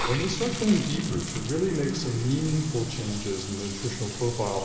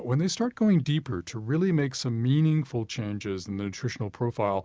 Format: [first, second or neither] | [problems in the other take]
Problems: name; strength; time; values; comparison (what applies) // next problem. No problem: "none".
second | background sound (Bathtub (filling or washing) / Water); 8 dB below the speech // room echo; dies away in 2.3 s